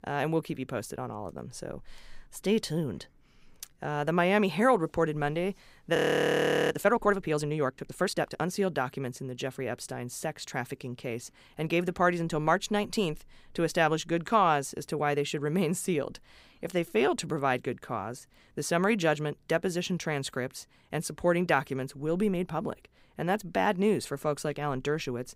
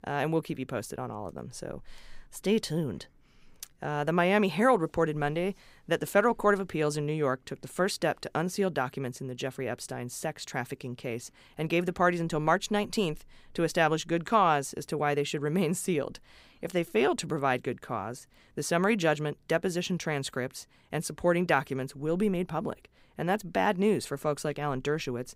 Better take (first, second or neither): second